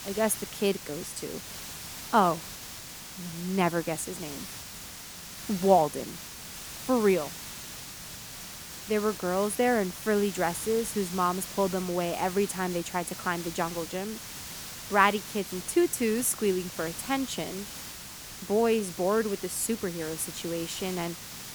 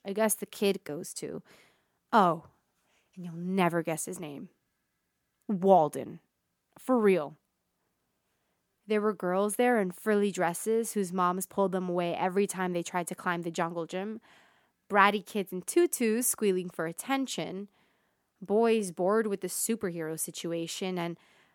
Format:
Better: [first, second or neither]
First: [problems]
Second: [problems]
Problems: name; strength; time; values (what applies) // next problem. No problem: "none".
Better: second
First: hiss; noticeable; throughout; 10 dB below the speech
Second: none